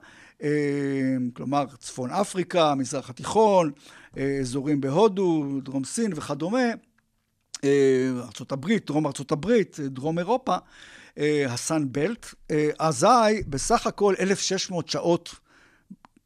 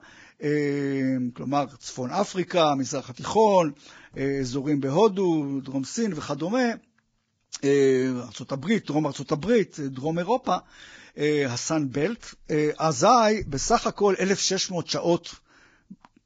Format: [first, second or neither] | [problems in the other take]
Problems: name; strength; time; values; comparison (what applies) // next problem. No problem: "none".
first | garbled, watery; badly; nothing above 7.5 kHz